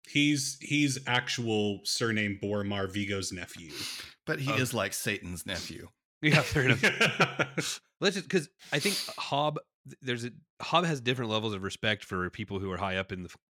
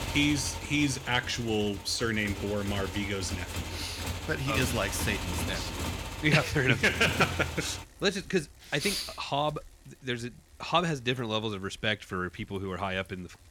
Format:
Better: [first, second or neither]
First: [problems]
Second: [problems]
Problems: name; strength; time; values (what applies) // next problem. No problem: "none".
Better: first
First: none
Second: traffic noise; loud; throughout; 7 dB below the speech